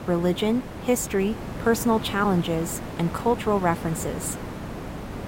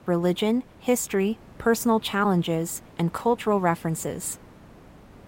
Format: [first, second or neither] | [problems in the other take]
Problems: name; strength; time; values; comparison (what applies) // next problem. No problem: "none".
second | hiss; loud; throughout; 10 dB below the speech; faint in the second